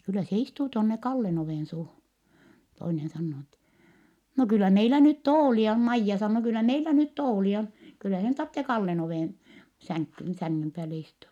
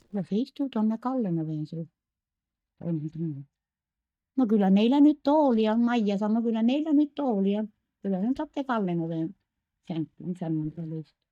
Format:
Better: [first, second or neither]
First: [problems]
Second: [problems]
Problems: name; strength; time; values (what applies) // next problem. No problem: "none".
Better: first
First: none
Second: noise reduction (neural mask model DeepFilterNet 3)